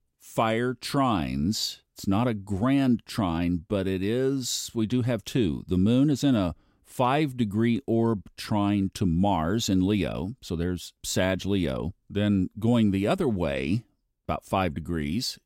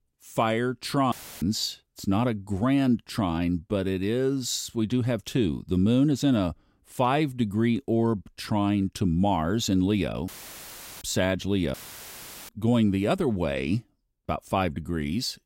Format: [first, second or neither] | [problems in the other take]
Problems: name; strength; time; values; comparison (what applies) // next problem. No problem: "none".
first | audio cutting out; filled with static; at 1 s, at 10 s for 0.5 s and at 12 s for 1 s